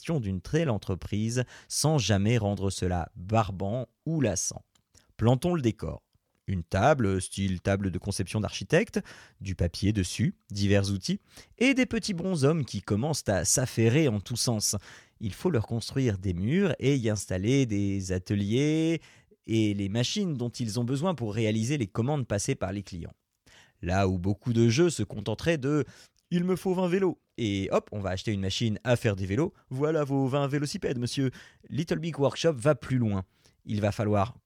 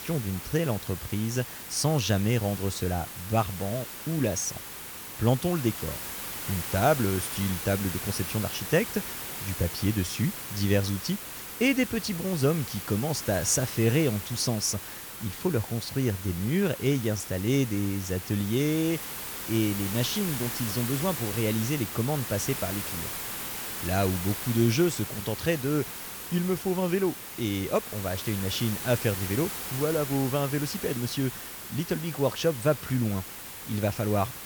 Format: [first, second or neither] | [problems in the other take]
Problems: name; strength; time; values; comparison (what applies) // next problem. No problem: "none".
first | hiss; loud; throughout; 6 dB below the speech